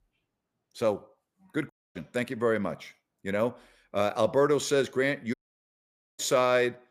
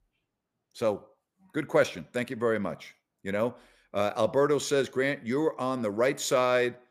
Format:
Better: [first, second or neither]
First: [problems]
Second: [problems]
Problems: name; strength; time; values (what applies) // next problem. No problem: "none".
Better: second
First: audio cutting out; at 1.5 s and at 5.5 s for 1 s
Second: none